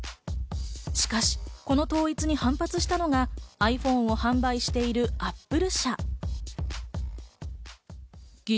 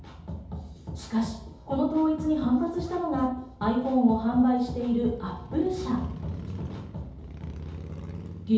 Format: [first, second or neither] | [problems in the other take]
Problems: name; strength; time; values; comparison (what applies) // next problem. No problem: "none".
first | background sound (Motorcycle / Crow); 14 dB below the speech // room echo; dies away in 0.8 s